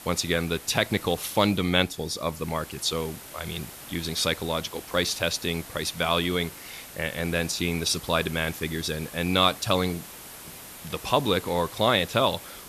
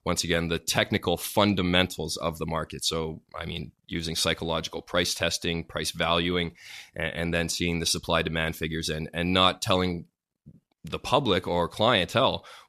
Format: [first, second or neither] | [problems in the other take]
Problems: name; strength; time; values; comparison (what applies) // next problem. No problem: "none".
second | hiss; noticeable; throughout; 15 dB below the speech